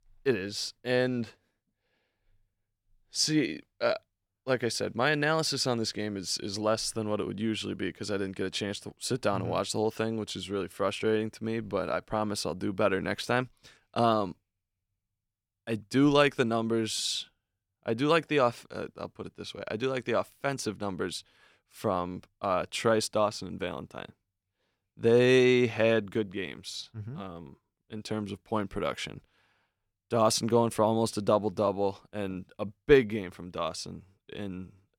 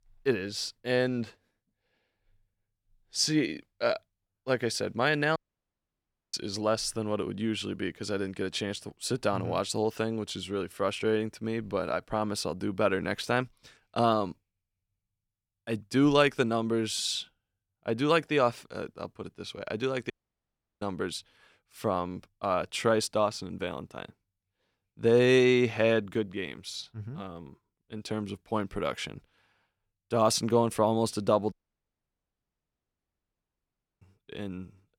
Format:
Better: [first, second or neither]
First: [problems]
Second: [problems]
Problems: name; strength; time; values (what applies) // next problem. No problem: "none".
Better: first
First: none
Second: audio cutting out; at 5.5 s for 1 s, at 20 s for 0.5 s and at 32 s for 2.5 s